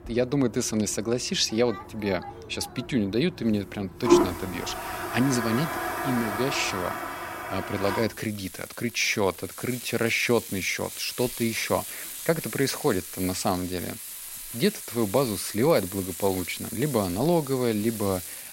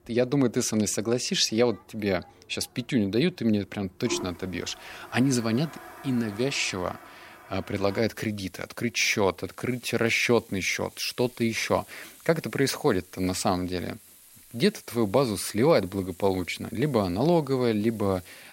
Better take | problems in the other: second | household noises; loud; throughout; 6 dB below the speech; faint in the second

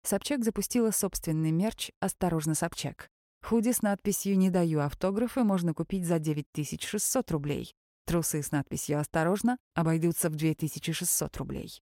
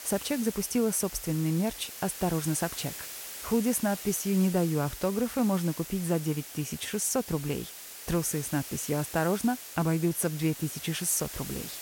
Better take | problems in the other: first | hiss; loud; throughout; 10 dB below the speech

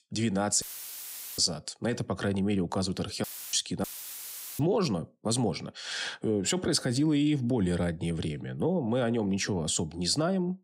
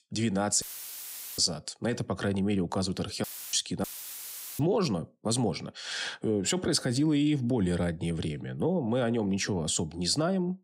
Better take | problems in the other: neither | audio cutting out; filled with static; at 0.5 s for 1 s, at 3 s and at 4 s for 1 s; the same in both

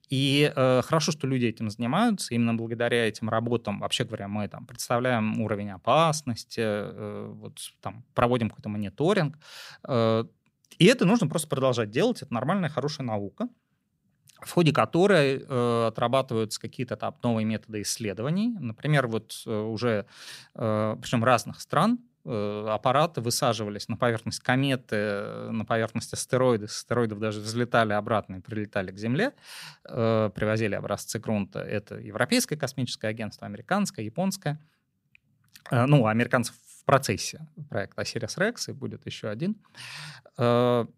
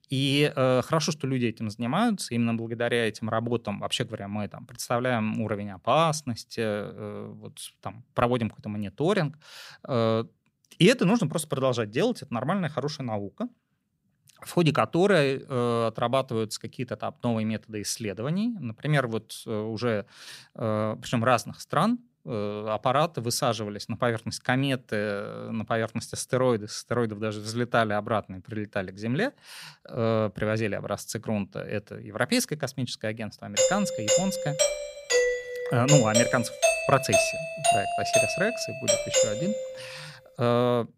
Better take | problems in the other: first | doorbell; loud; from 34 to 40 s; peak 5 dB above the speech

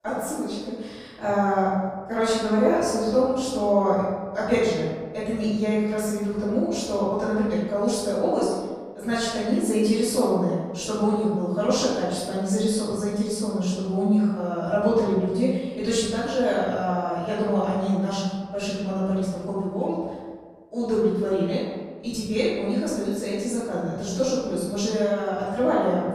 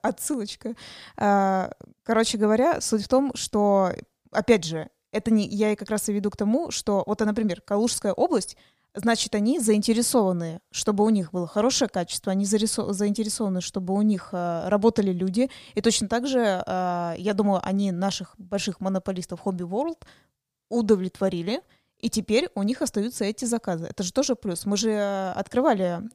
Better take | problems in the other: second | room echo; strong; dies away in 1.4 s // off-mic speech; far

